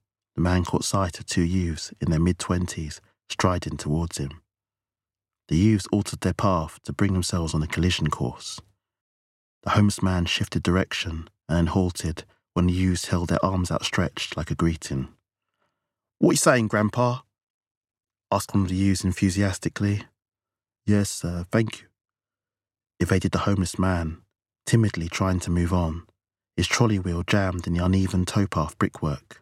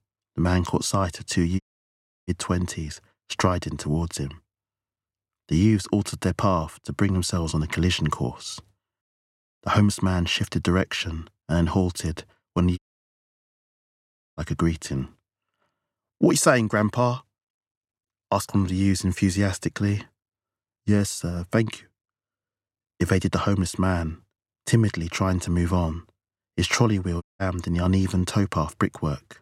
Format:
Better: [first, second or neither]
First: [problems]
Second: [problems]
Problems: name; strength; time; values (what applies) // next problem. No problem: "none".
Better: first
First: none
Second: audio cutting out; at 1.5 s for 0.5 s, at 13 s for 1.5 s and at 27 s